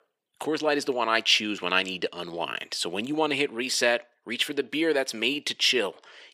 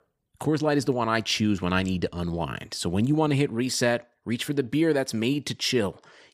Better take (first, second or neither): second